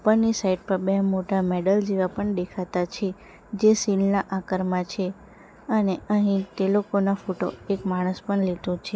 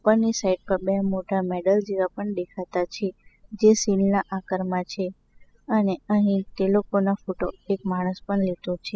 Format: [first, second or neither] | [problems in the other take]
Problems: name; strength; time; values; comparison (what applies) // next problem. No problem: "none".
first | noise reduction (classical method spectral subtraction)